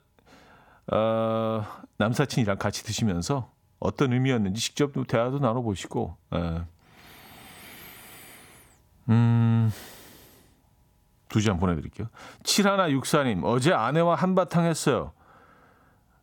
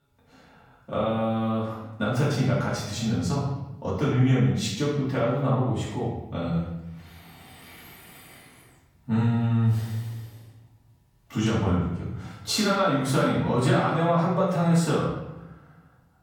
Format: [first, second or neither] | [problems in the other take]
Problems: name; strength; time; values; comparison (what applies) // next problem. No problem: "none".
first | room echo; noticeable; dies away in 0.9 s // off-mic speech; far